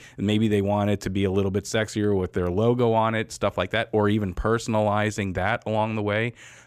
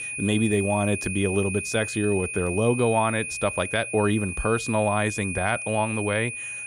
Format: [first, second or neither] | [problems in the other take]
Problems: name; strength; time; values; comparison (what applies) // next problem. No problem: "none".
first | high-pitched whine; loud; throughout; 2.5 kHz, 6 dB below the speech